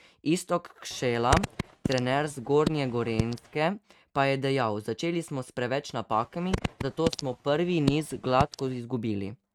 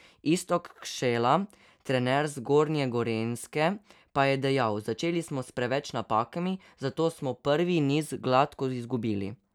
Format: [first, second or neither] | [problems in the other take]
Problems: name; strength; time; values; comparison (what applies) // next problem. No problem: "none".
second | noise reduction (neural mask model RNNoise)